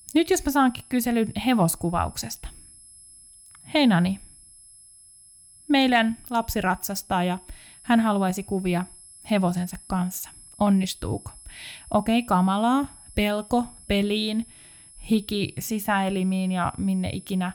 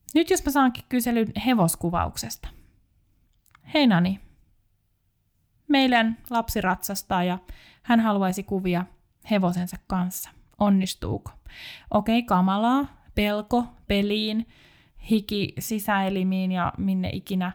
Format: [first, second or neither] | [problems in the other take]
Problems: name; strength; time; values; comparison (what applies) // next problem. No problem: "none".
second | high-pitched whine; faint; throughout; 11 kHz, 20 dB below the speech